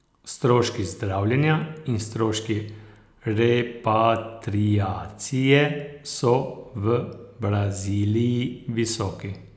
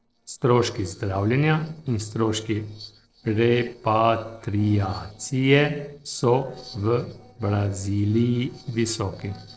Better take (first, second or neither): first